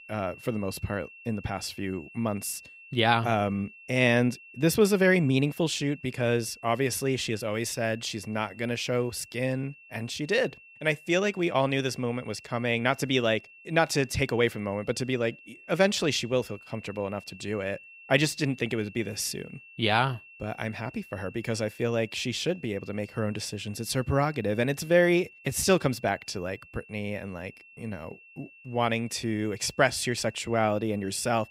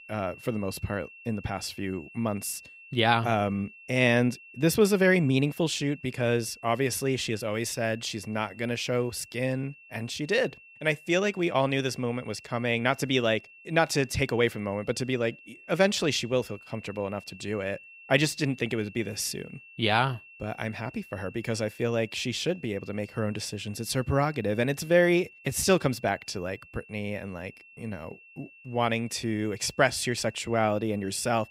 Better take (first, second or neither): neither